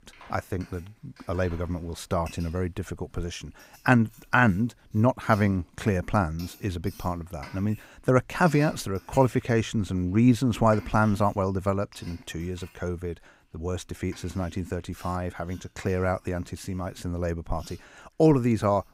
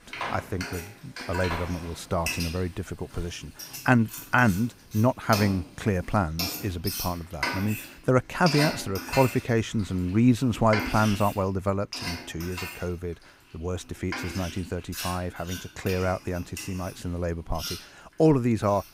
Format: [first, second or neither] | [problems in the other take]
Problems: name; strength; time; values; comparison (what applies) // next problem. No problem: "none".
first | household noises; loud; throughout; 7 dB below the speech; faint in the first